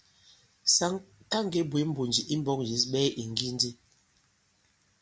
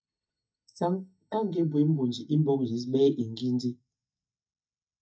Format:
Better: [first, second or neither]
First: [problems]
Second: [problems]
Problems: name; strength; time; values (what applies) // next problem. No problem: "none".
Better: first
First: none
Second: noise reduction (neural mask model DeepFilterNet 3)